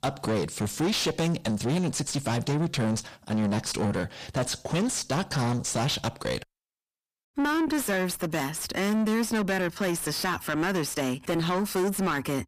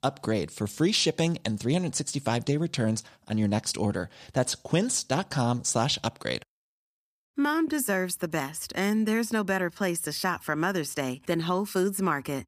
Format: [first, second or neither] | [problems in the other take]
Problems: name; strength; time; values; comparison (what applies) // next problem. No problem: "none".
second | distortion; heavy; 6 dB below the speech